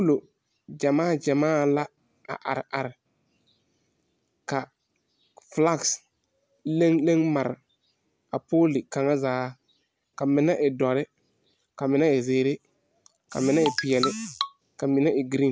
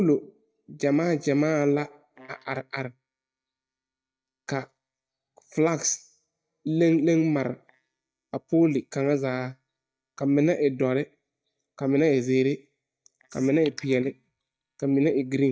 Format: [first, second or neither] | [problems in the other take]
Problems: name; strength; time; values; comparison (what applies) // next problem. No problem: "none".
first | noise reduction (neural mask model DeepFilterNet 3)